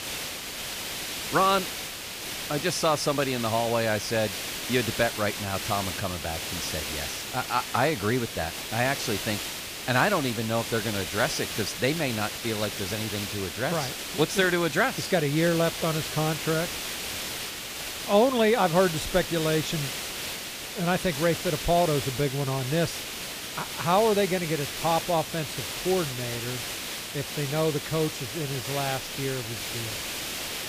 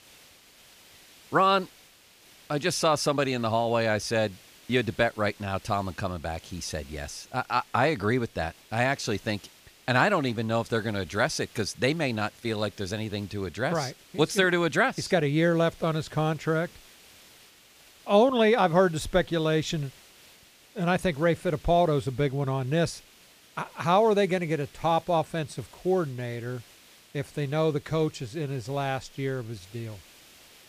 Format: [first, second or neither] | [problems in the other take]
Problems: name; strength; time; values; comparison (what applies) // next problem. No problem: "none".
second | hiss; loud; throughout; 5 dB below the speech; faint in the second